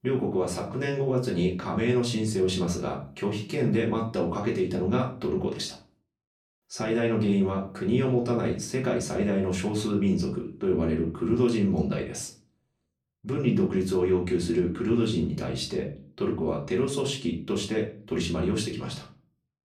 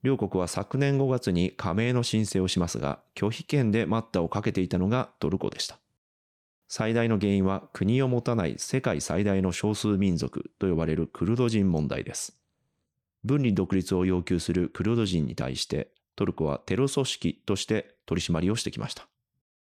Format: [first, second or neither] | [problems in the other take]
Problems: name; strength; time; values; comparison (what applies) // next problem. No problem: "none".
second | off-mic speech; far // room echo; slight; dies away in 0.3 s